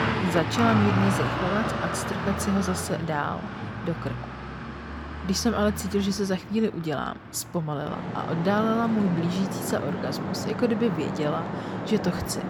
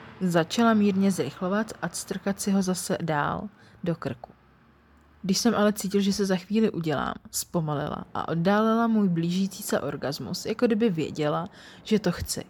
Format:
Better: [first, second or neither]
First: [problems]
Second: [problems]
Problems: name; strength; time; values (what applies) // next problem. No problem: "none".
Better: second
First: traffic noise; loud; throughout; 3 dB below the speech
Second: traffic noise; faint; throughout; 25 dB below the speech